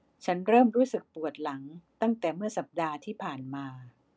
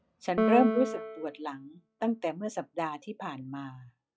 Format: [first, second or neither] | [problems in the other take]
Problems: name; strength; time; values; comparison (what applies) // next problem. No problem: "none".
first | noise reduction (classical method log-MMSE)